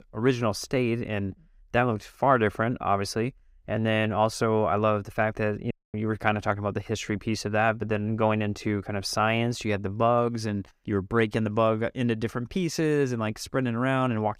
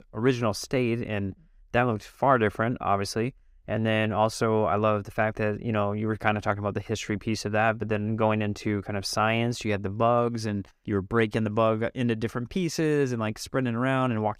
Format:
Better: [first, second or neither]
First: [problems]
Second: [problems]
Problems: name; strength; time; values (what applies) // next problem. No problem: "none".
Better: second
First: audio cutting out; at 5.5 s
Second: none